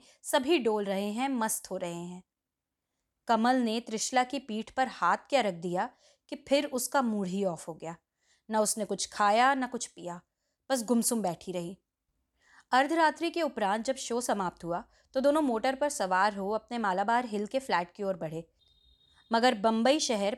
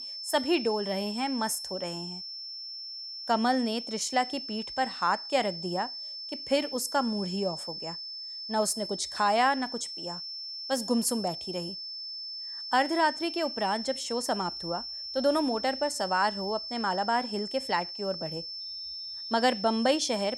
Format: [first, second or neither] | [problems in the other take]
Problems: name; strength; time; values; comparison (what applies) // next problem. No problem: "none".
first | high-pitched whine; loud; throughout; 5.5 kHz, 7 dB below the speech